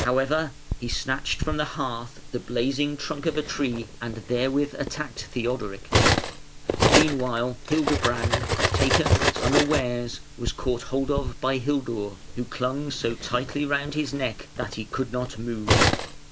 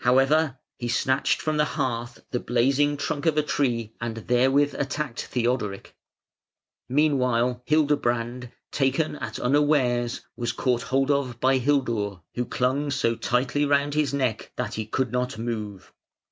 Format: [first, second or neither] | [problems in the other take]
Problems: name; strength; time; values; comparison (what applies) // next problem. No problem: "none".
second | background sound (Cutlery, silverware); as loud as the speech